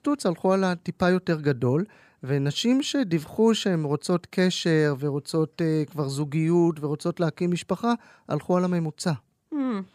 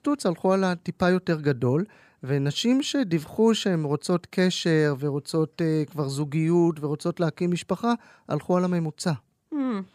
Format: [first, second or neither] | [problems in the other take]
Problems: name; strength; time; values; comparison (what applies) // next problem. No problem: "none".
neither | none